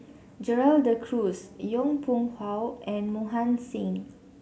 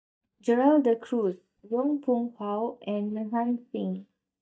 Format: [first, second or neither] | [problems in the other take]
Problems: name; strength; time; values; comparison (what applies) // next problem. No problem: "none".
first | noise reduction (neural mask model DeepFilterNet 3)